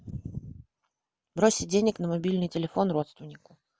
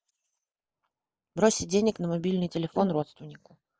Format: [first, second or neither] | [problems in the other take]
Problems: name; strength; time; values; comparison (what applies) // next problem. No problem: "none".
first | noise reduction (neural mask model Resemble Enhance denoiser)